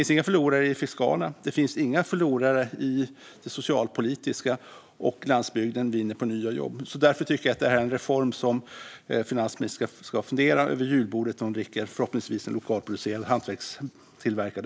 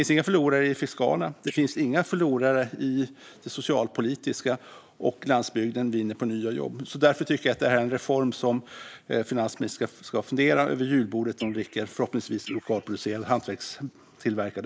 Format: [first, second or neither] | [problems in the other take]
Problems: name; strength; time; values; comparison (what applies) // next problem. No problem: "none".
first | noise reduction (neural mask model Resemble Enhance denoiser)